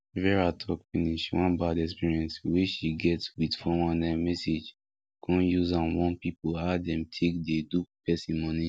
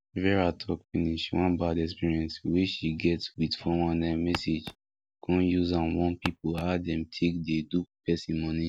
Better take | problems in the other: first | background sound (Walk, footsteps); 9 dB below the speech

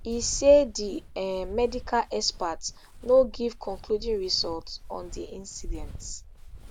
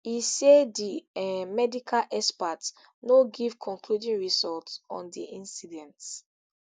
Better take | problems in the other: second | background sound (Walk, footsteps); 12 dB below the speech

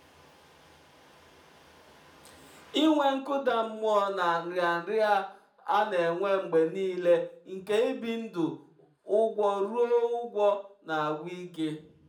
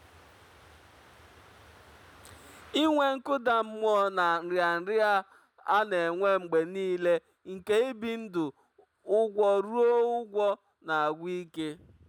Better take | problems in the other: second | room echo; dies away in 0.4 s

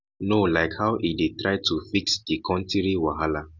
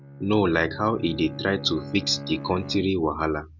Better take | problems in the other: first | background sound (Bowed string instrument); 13 dB below the speech

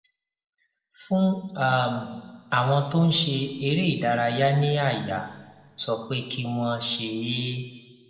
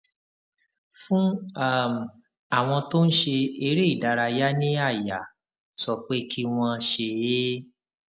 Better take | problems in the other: second | room echo; dies away in 1.2 s

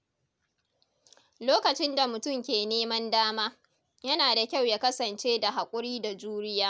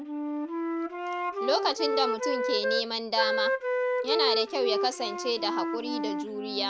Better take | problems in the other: first | background sound (Wind instrument, woodwind instrument); 2 dB above the speech

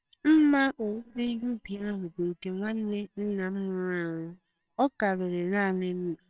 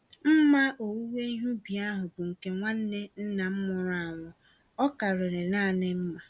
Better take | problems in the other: second | noise reduction (neural separator model SepFormer WHAMR!)

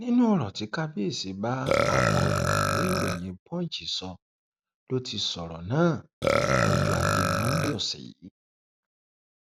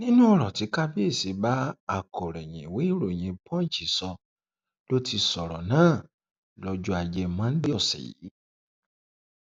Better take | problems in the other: second | background sound (Burping, eructation); 3 dB above the speech

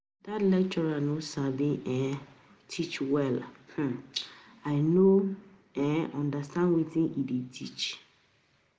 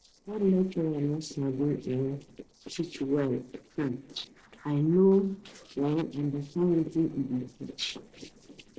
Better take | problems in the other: first | noise reduction (neural separator model SepFormer DNS4)

